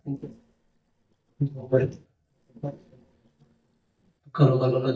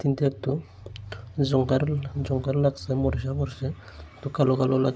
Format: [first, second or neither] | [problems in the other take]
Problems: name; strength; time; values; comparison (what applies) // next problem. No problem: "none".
second | noise reduction (neural mask model DeepFilterNet 3)